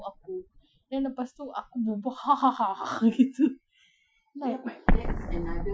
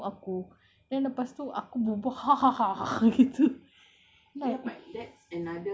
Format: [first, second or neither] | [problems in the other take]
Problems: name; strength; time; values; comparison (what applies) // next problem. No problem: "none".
second | noise reduction (classical method Wiener filter)